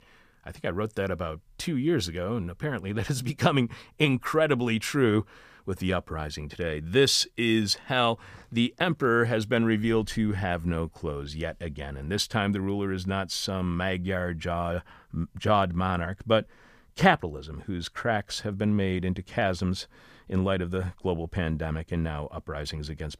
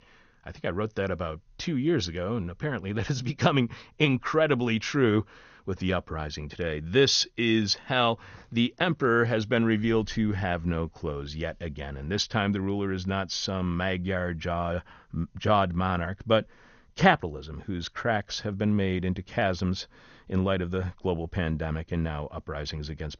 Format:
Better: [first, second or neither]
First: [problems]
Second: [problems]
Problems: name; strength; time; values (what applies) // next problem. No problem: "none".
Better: first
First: none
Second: garbled, watery; slightly; nothing above 6.5 kHz